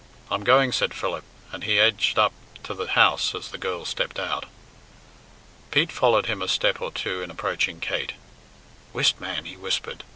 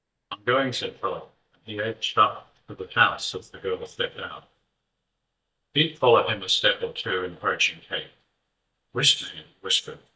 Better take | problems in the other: first | noise reduction (neural mask model DeepFilterNet 3)

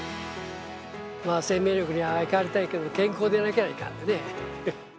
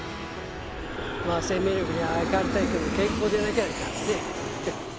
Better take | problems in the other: first | background sound (Aircraft); 2 dB below the speech

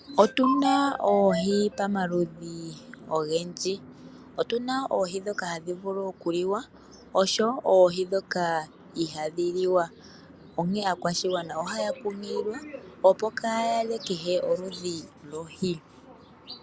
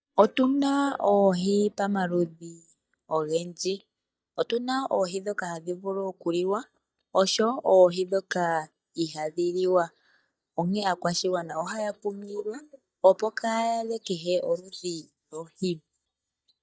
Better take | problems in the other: first | noise reduction (neural mask model DeepFilterNet 3)

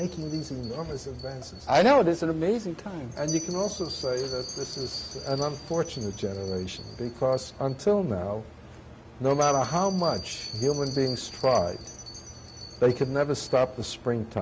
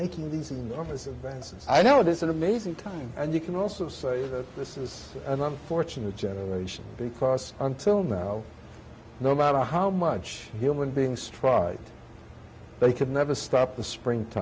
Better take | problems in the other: second | background sound (Bell); 15 dB below the speech

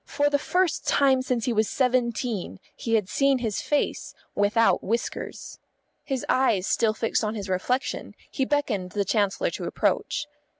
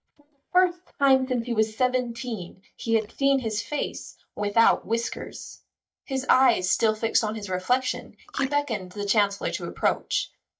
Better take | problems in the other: first | noise reduction (neural mask model DeepFilterNet 3)

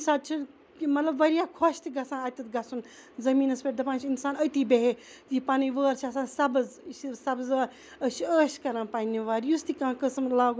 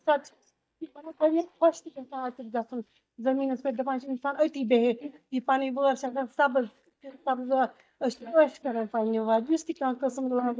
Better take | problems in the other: first | noise reduction (neural mask model DeepFilterNet 3)

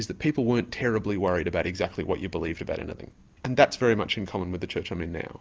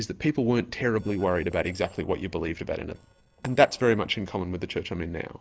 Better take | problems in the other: first | noise reduction (neural separator model SepFormer DNS4)

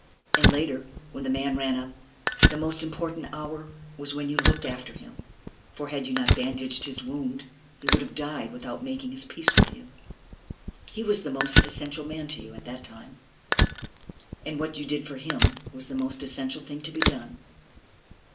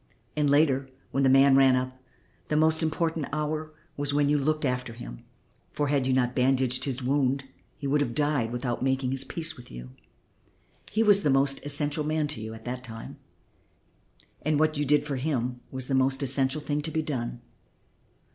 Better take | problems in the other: second | background sound (Fire); 4 dB above the speech // room echo; dies away in 0.2 s

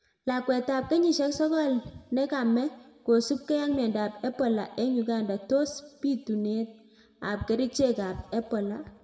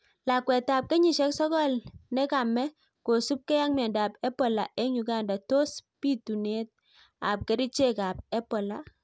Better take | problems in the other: second | room echo; dies away in 1.1 s

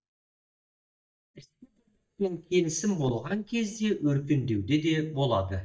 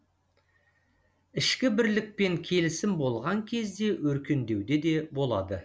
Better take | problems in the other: second | noise reduction (neural mask model DeepFilterNet 3)

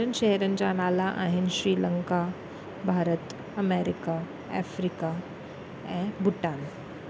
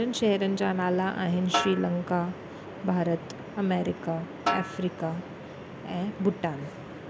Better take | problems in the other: first | background sound (Snare drum); 7 dB below the speech

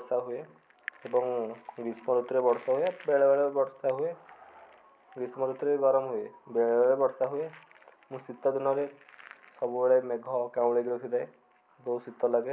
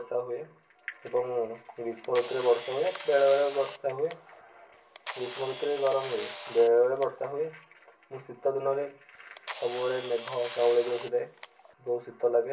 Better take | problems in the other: first | background sound (Camera); 14 dB below the speech // room echo; dies away in 0.1 s

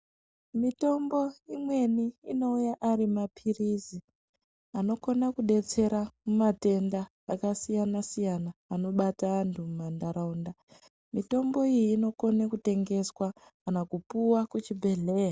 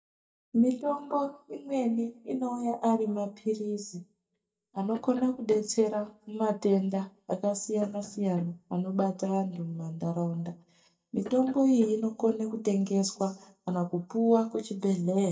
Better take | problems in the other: first | noise reduction (neural mask model DeepFilterNet 3)

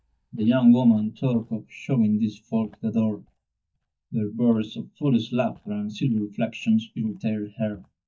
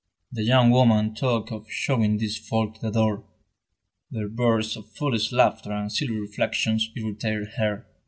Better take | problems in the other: second | noise reduction (neural mask model DeepFilterNet 3)

